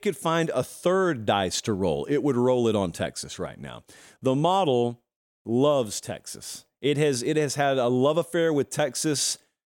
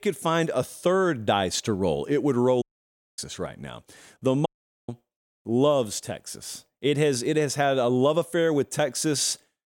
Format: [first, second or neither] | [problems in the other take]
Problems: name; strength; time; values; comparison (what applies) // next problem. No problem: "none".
first | audio cutting out; at 2.5 s for 0.5 s and at 4.5 s